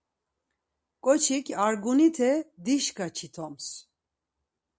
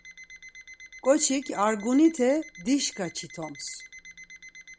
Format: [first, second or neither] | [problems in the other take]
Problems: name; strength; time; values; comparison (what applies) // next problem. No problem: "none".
first | background sound (Alarm); 19 dB below the speech